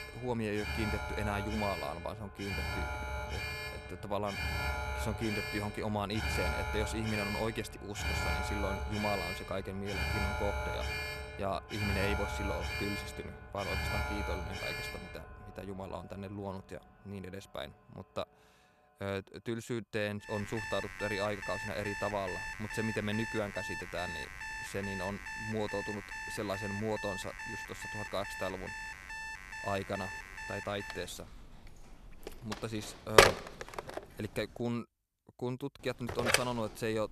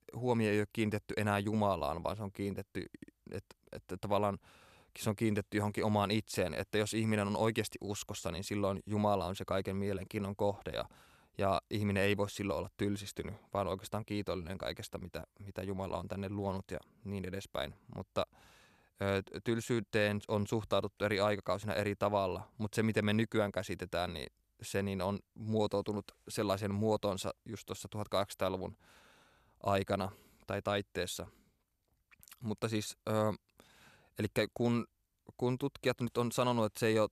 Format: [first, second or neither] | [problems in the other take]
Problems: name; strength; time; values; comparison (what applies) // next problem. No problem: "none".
second | alarms or sirens; very loud; throughout; 2 dB above the speech